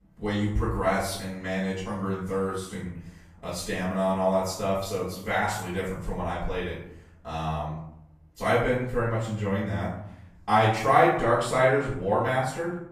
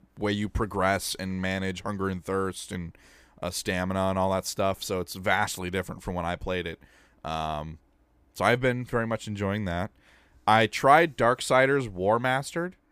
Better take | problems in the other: second | off-mic speech; far // room echo; noticeable; dies away in 0.6 s

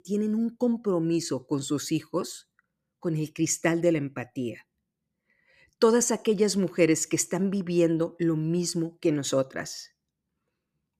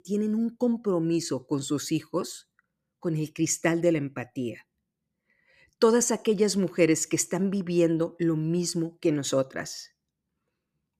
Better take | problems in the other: neither | none

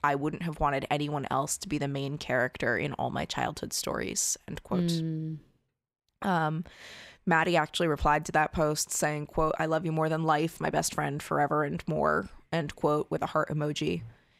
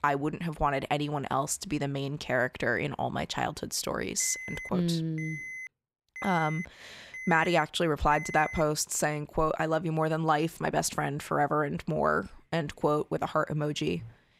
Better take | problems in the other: first | alarm; noticeable; from 4 to 8.5 s; peak 8 dB below the speech

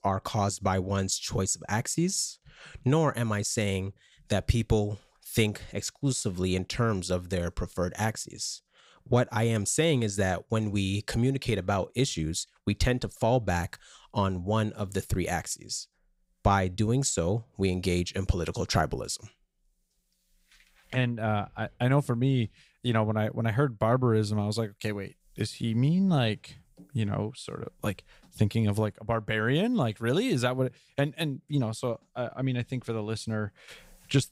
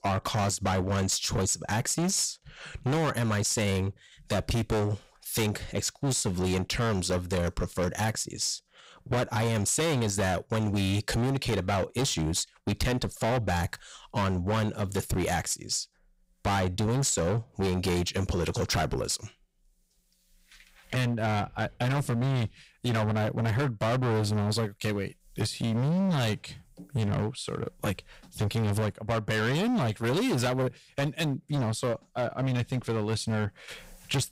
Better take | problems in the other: first | distortion; heavy; 22% of the sound clipped

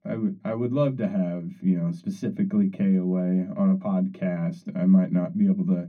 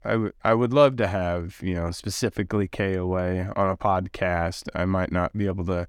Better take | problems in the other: second | room echo; very slight; dies away in 0.3 s // off-mic speech; far

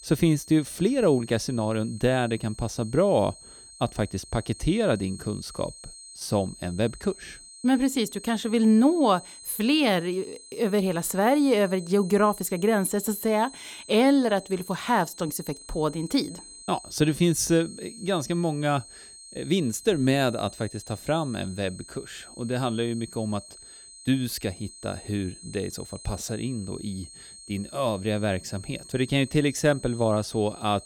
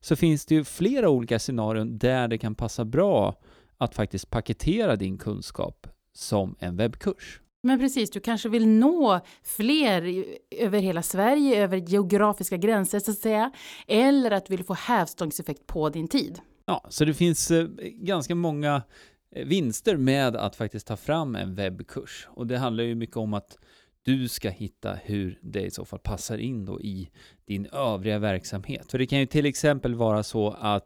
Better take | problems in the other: second | high-pitched whine; noticeable; throughout; 8.5 kHz, 15 dB below the speech

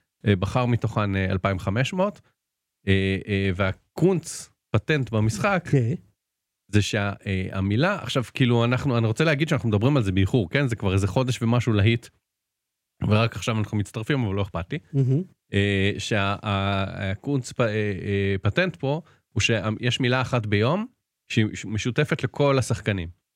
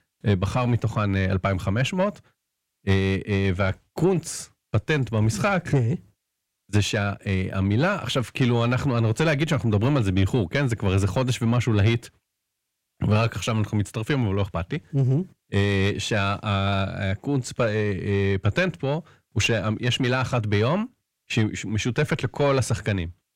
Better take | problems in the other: first | distortion; slight; 10 dB below the speech

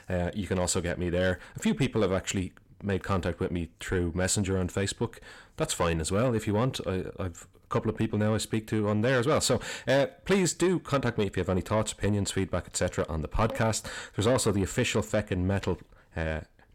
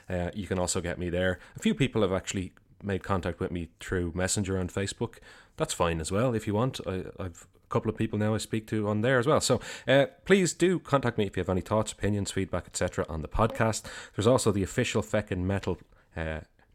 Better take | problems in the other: second | distortion; slight; 10 dB below the speech

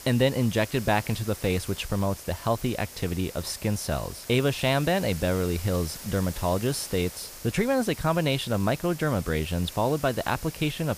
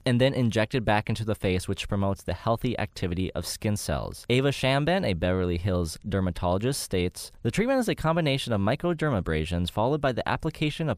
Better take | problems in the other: second | hiss; noticeable; throughout; 15 dB below the speech

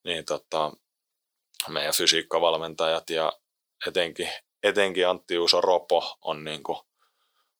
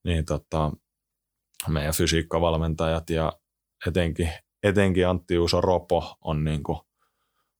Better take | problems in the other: second | thin; very; fading below 500 Hz

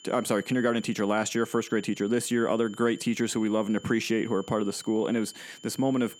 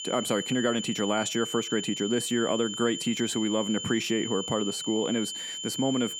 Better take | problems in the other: first | high-pitched whine; loud; throughout; 3 kHz, 5 dB below the speech; faint in the first

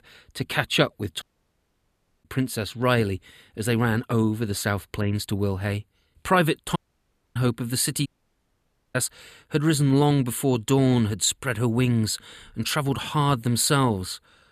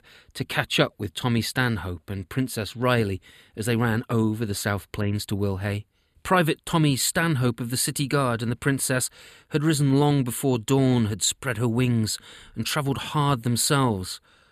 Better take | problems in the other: second | audio cutting out; at 1 s for 1 s, at 7 s for 0.5 s and at 8 s for 1 s

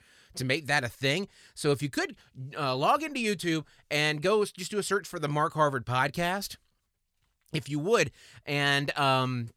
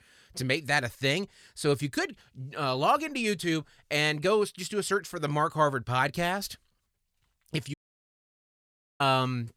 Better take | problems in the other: first | audio cutting out; at 7.5 s for 1.5 s

